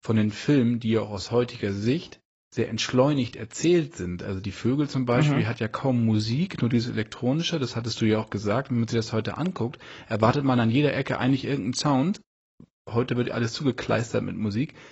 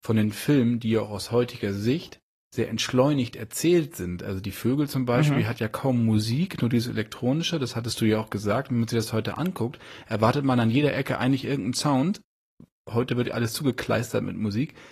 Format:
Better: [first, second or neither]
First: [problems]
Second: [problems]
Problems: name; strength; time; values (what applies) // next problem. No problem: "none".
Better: second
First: garbled, watery; badly; nothing above 8 kHz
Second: garbled, watery; slightly; nothing above 14.5 kHz